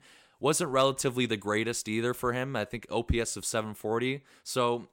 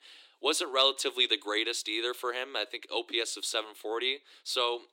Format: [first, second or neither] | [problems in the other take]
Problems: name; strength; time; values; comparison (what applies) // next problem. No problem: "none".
first | thin; very; fading below 300 Hz